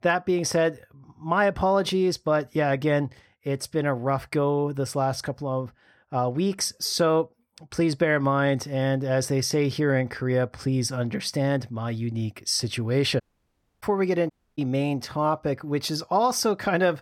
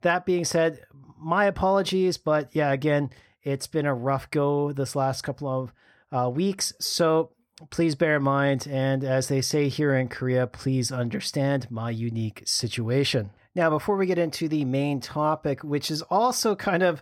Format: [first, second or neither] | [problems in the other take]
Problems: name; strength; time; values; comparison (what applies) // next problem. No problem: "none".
second | audio cutting out; at 13 s for 0.5 s and at 14 s